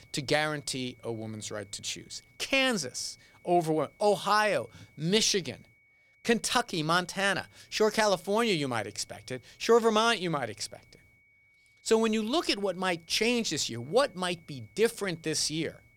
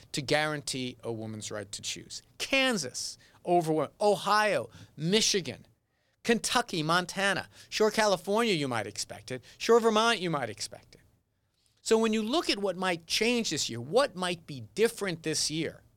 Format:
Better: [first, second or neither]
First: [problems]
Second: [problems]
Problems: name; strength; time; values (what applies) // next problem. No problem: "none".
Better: second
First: high-pitched whine; faint; throughout; 2 kHz, 35 dB below the speech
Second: none